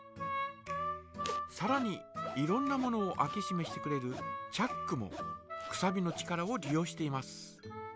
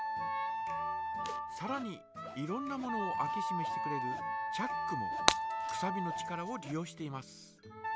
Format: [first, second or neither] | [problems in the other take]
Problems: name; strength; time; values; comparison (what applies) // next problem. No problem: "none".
first | background sound (Shatter + Wind instrument, woodwind instrument); 3 dB above the speech